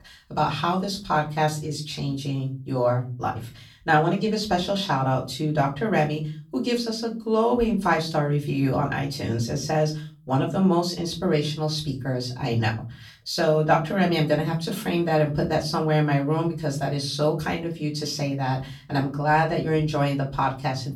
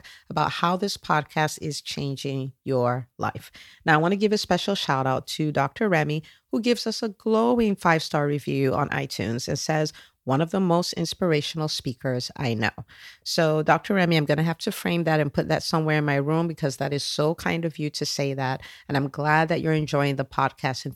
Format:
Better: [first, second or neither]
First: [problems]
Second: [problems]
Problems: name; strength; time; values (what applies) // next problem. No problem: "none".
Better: second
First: off-mic speech; far // room echo; very slight; dies away in 0.4 s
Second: none